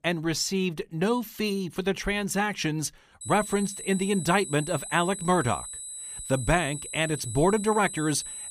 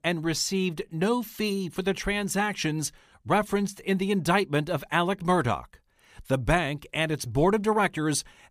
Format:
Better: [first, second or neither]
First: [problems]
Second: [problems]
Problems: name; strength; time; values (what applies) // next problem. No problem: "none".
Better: second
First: high-pitched whine; loud; from 3 s on; 8 kHz, 9 dB below the speech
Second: none